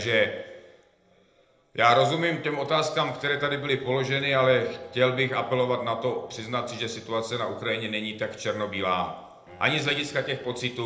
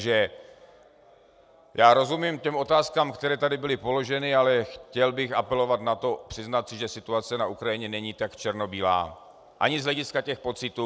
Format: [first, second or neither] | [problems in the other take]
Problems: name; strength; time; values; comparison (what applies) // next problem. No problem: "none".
second | noise reduction (neural separator model SepFormer DNS4)